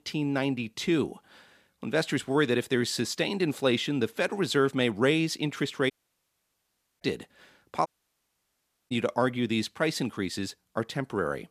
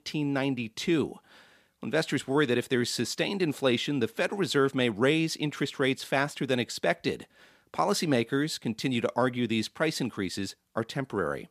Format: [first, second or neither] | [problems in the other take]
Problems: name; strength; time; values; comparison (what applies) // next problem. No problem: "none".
second | audio cutting out; at 6 s for 1 s and at 8 s for 1 s